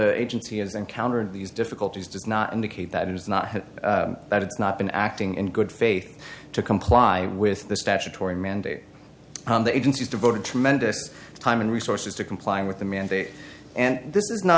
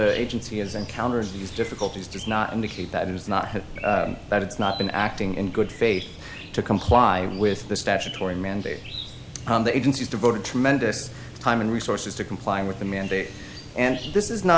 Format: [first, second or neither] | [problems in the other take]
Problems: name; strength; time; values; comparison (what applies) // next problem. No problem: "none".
first | background sound (Chirp, tweet); 14 dB below the speech